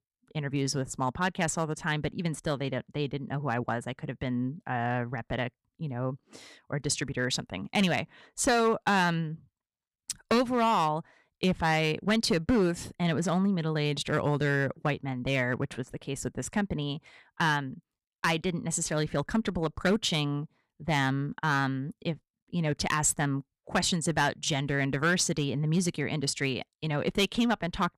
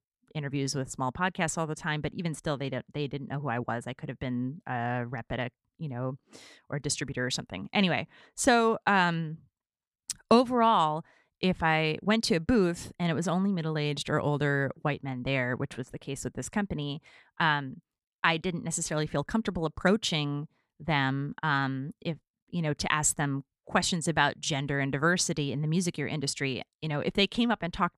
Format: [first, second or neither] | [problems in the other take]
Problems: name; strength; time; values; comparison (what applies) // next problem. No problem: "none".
second | distortion; slight; 3% of the sound clipped